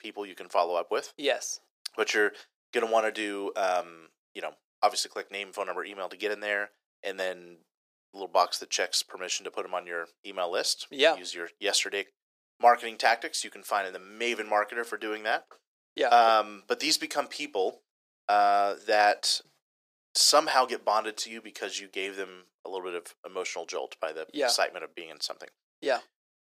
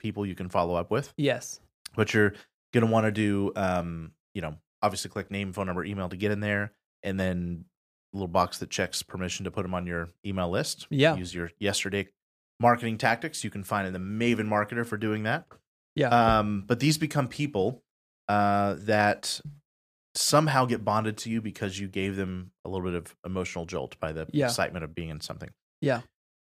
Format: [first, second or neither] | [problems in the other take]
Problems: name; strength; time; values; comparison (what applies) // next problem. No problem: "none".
second | thin; very; fading below 400 Hz